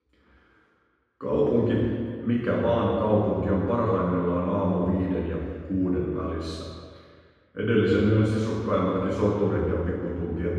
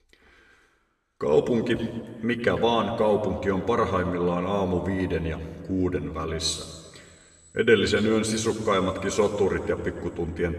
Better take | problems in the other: second | room echo; strong; dies away in 1.8 s; slight in the second // off-mic speech; far; somewhat distant in the second

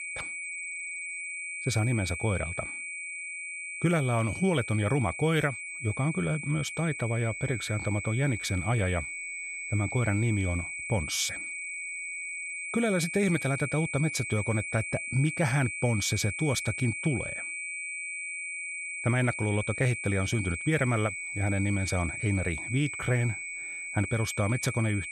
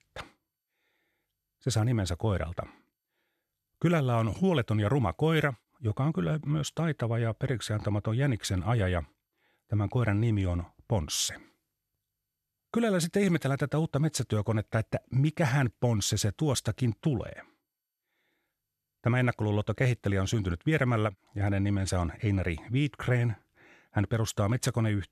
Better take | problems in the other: second | high-pitched whine; loud; throughout; 2.5 kHz, 5 dB below the speech

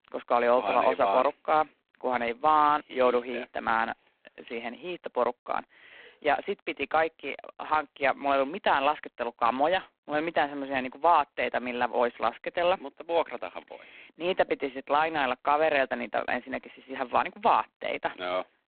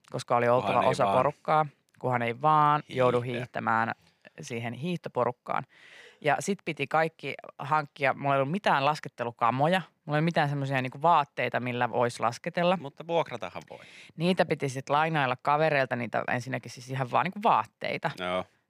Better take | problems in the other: second | phone-call audio; poor line; nothing above 4 kHz

